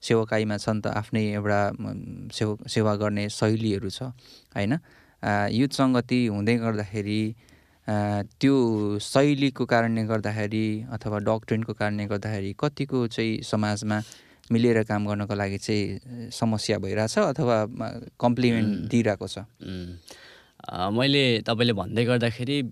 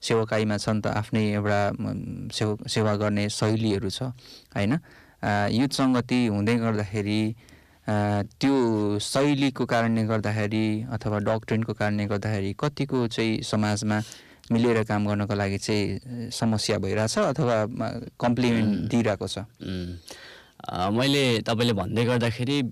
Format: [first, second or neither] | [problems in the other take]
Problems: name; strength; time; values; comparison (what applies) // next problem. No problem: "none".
first | distortion; slight; 10 dB below the speech